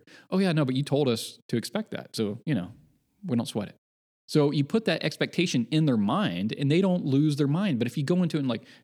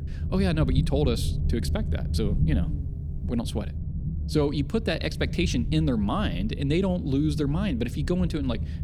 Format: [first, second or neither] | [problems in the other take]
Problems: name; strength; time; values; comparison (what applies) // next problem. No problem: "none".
first | low rumble; noticeable; throughout; 10 dB below the speech